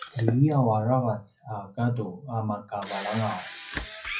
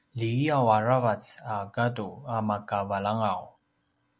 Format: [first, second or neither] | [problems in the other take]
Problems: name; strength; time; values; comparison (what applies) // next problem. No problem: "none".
second | noise reduction (classical method WPE with log-MMSE)